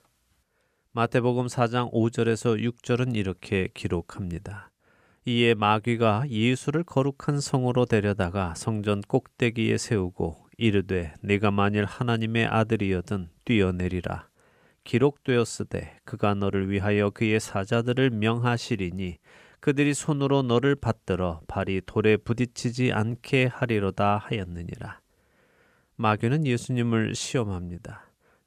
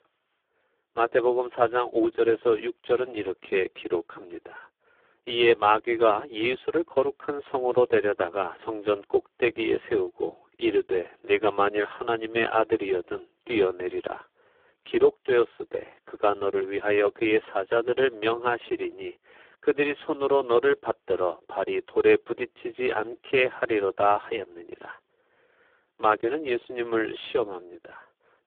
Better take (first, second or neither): first